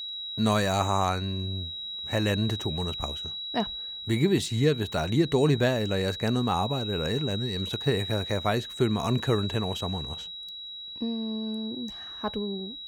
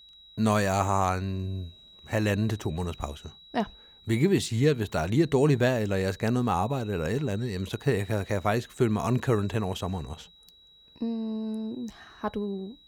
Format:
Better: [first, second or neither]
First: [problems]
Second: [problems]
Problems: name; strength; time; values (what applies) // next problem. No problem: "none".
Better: second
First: high-pitched whine; loud; throughout; 4 kHz, 7 dB below the speech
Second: high-pitched whine; faint; throughout; 4 kHz, 25 dB below the speech